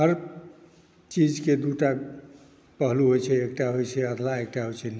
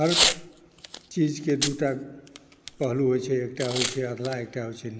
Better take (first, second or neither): first